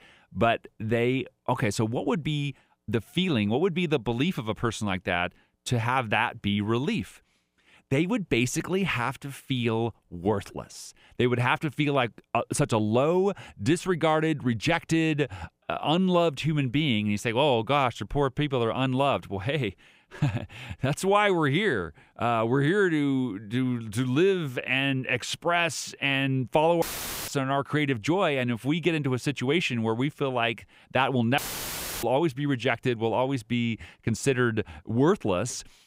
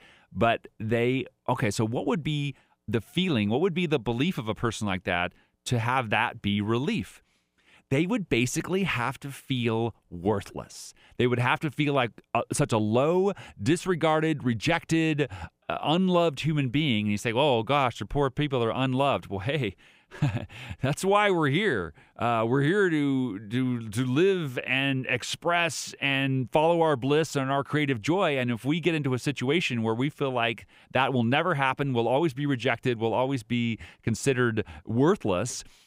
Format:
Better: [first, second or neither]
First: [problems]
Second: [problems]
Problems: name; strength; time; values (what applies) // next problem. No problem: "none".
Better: second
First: audio cutting out; filled with static; at 27 s and at 31 s for 0.5 s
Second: none